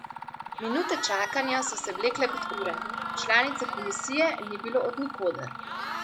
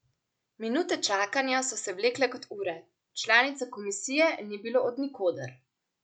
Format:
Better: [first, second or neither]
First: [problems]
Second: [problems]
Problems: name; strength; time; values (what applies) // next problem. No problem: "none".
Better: second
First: background sound (Mechanisms + Crowd / Cheering); 5 dB below the speech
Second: none